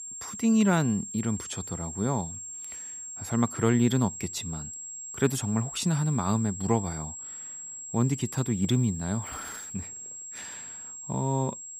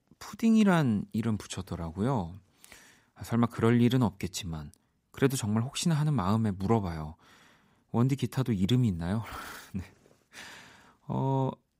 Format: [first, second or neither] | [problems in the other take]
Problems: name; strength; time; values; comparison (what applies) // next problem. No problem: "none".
second | high-pitched whine; loud; throughout; 7.5 kHz, 9 dB below the speech